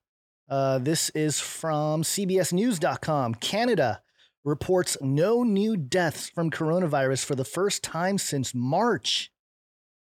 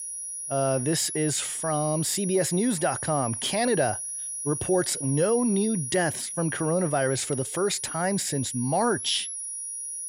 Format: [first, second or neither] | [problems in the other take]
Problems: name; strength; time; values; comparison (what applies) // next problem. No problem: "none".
first | high-pitched whine; loud; throughout; 10.5 kHz, 5 dB below the speech